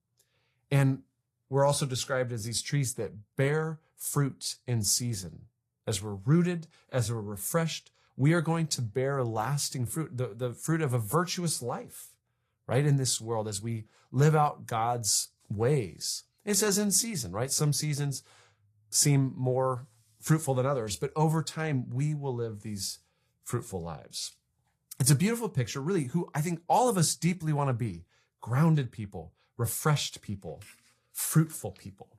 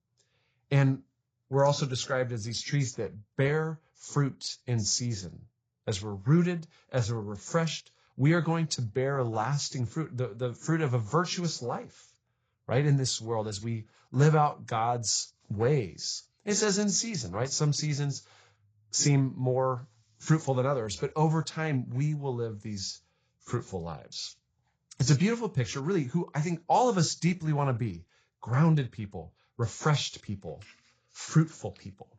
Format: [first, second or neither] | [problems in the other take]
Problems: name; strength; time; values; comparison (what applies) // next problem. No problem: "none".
first | garbled, watery; badly; nothing above 7.5 kHz; slightly in the first